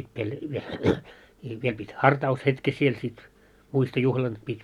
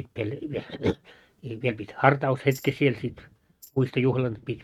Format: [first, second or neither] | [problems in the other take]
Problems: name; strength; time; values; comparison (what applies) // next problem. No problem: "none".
first | noise reduction (neural mask model RNNoise)